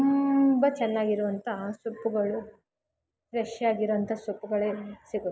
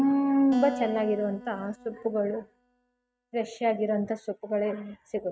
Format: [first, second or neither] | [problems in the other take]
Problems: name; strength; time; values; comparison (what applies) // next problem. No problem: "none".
first | noise reduction (neural mask model RNNoise)